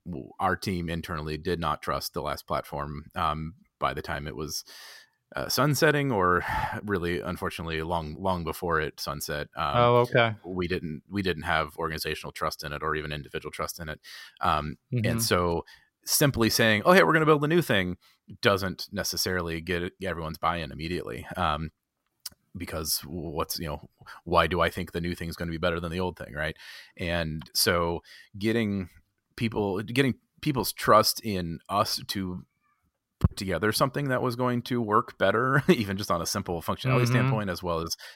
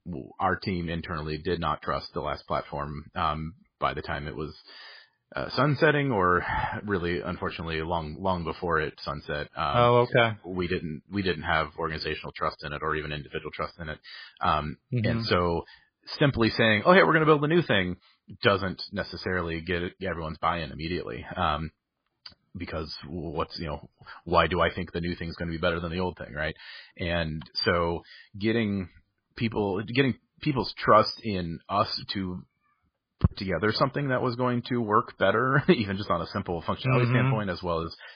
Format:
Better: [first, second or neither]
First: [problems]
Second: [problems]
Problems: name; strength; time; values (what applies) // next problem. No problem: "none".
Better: first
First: none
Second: garbled, watery; badly; nothing above 5 kHz